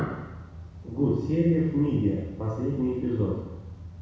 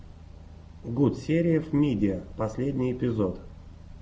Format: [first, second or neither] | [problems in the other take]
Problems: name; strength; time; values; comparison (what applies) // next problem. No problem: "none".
second | background sound (Idling / Engine starting / Accelerating, revving, vroom / Car); 17 dB below the speech // room echo; dies away in 1.1 s